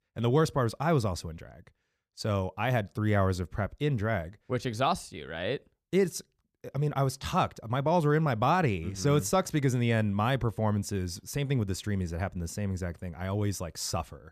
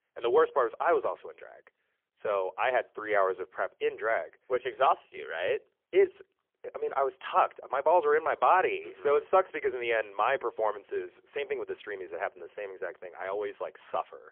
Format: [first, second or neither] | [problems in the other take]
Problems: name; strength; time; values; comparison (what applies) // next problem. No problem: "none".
first | phone-call audio; poor line; nothing above 3.5 kHz